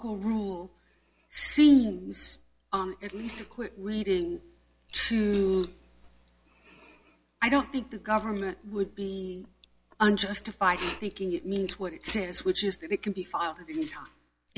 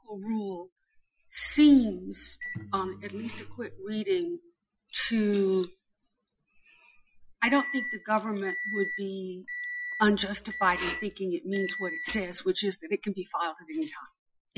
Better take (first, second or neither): first